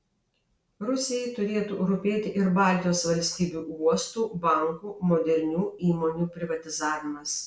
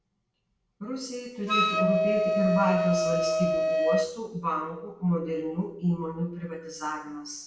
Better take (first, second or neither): first